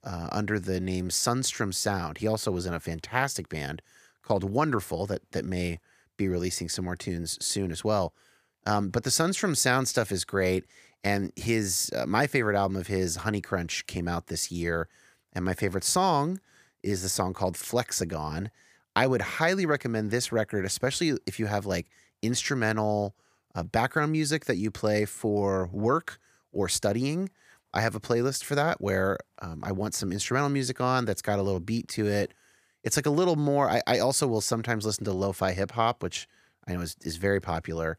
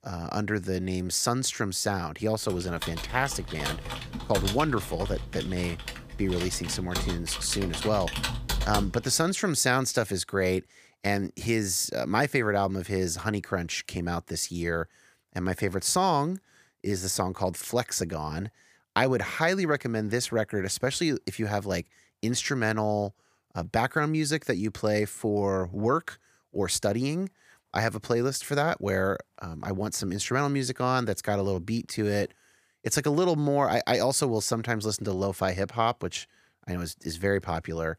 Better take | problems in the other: first | keyboard typing; noticeable; from 2.5 to 9 s; peak 1 dB below the speech

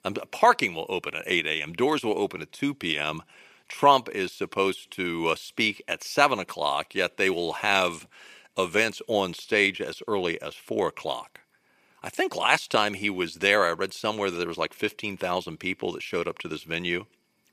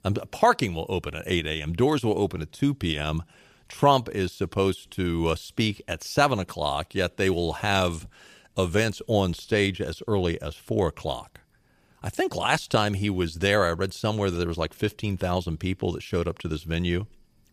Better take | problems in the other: second | thin; somewhat; fading below 250 Hz

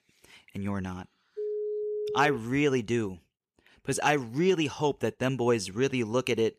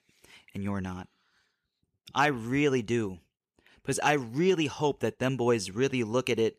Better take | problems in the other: second | phone ringing; noticeable; from 1.5 to 2.5 s; peak 4 dB below the speech

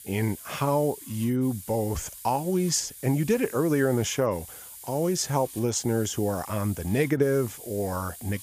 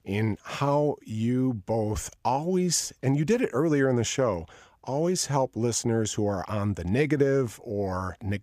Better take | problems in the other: second | hiss; noticeable; throughout; 15 dB below the speech

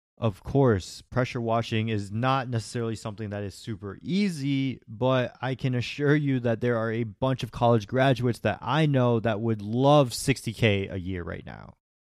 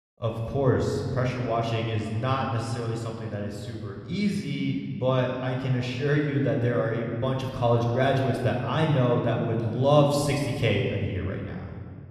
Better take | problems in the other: first | room echo; noticeable; dies away in 2 s

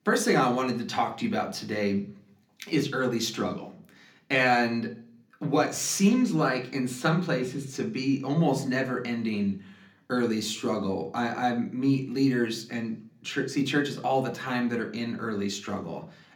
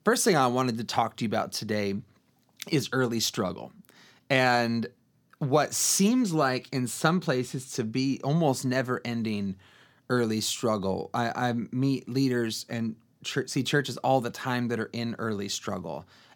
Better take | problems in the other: second | room echo; very slight; dies away in 0.4 s

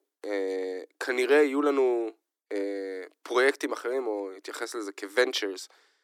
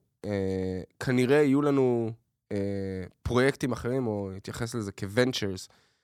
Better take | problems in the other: second | thin; somewhat; fading below 300 Hz

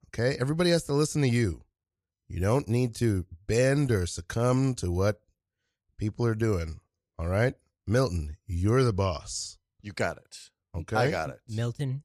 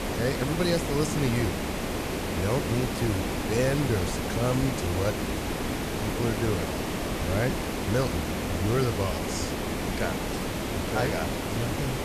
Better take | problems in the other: first | hiss; loud; throughout; as loud as the speech

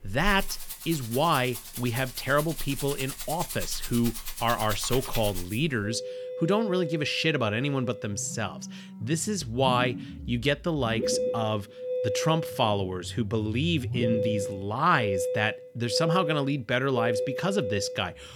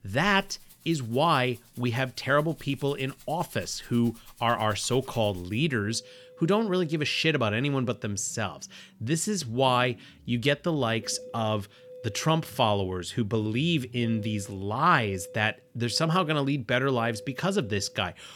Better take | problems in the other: second | background music; loud; throughout; 6 dB below the speech; faint in the second

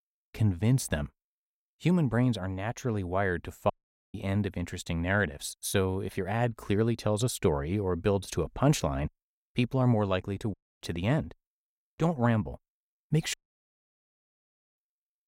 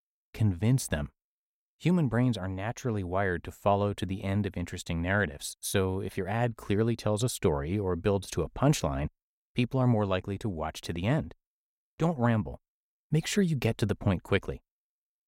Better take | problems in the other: second | audio cutting out; at 3.5 s, at 11 s and at 13 s for 1.5 s

